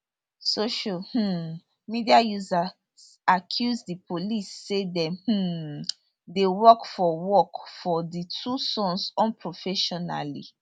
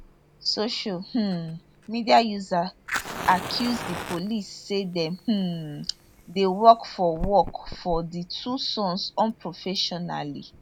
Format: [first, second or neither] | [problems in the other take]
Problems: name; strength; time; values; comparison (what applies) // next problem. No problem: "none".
first | background sound (Fire); 13 dB below the speech